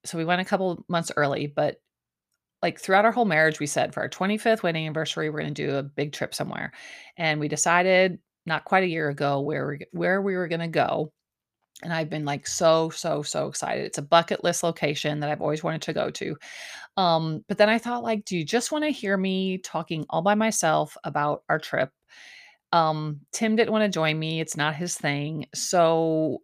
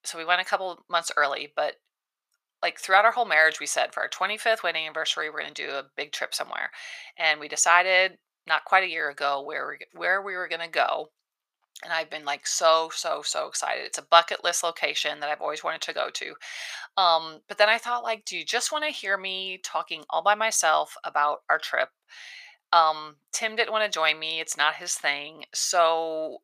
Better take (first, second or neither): first